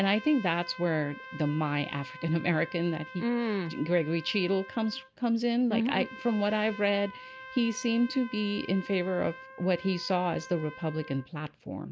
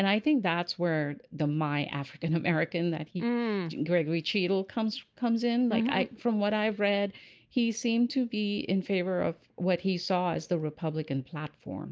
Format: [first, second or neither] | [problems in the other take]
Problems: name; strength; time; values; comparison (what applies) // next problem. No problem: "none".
second | background sound (Trumpet); 17 dB below the speech